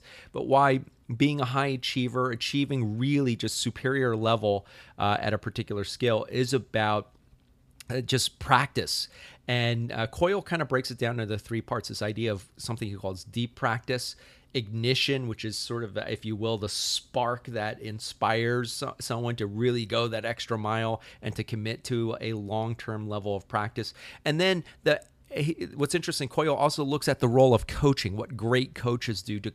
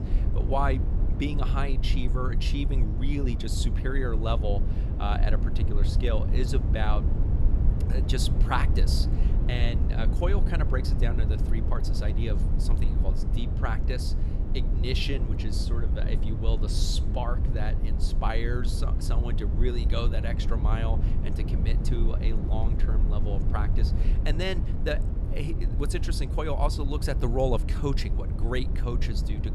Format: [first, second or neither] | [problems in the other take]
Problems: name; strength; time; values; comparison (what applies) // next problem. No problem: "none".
first | low rumble; loud; throughout; 7 dB below the speech